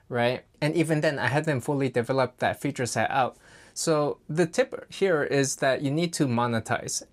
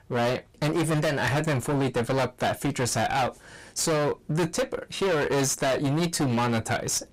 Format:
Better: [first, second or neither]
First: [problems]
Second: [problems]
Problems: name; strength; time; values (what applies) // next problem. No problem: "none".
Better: first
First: none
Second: distortion; heavy; 27% of the sound clipped